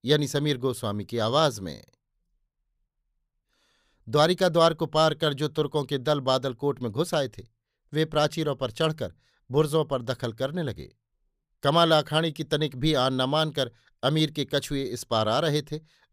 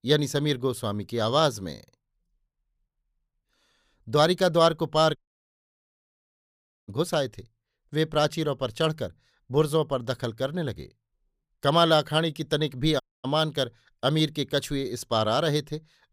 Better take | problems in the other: first | audio cutting out; at 5 s for 1.5 s and at 13 s

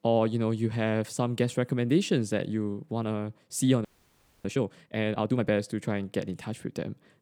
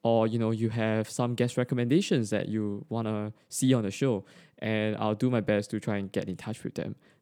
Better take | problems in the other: second | audio freezing; at 4 s for 0.5 s

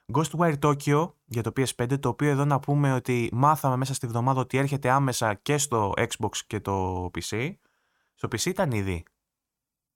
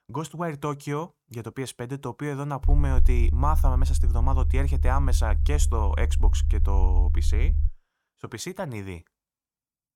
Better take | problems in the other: first | low rumble; noticeable; from 2.5 to 7.5 s; 10 dB below the speech

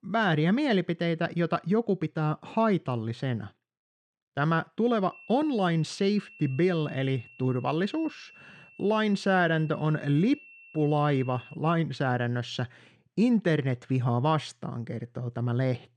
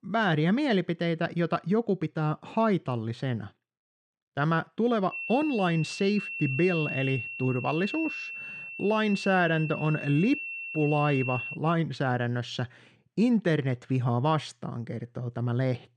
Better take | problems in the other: first | high-pitched whine; loud; from 5 to 12 s; 2.5 kHz, 7 dB below the speech; faint in the first

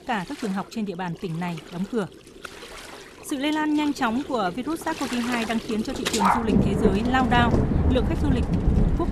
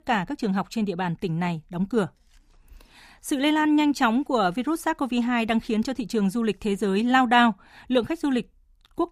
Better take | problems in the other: second | rain or running water; very loud; throughout; 2 dB above the speech

